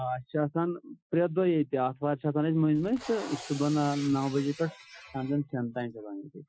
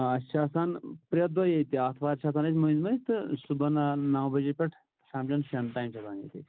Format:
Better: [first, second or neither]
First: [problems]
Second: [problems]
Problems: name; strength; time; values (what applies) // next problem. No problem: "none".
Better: second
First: noise reduction (classical method Wiener filter)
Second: none